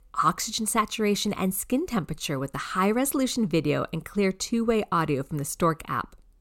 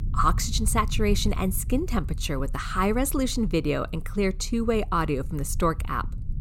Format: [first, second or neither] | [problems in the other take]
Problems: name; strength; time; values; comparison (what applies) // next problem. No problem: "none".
first | low rumble; faint; throughout; 20 dB below the speech